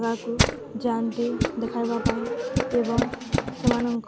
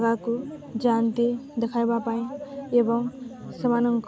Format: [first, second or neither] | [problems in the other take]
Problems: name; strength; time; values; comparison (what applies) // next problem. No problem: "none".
second | background sound (Tools); as loud as the speech